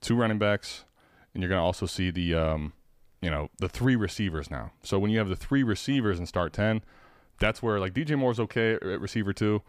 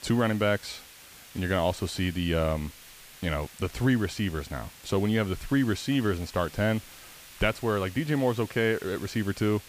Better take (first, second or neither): first